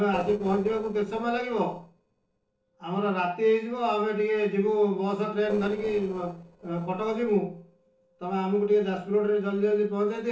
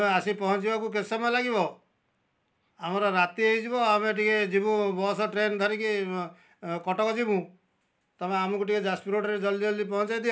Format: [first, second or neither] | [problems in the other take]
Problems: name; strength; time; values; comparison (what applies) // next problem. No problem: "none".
second | noise reduction (neural separator model SepFormer DNS4)